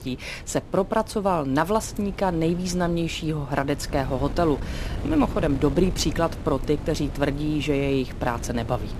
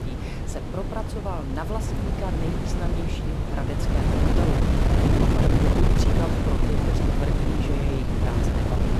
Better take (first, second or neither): first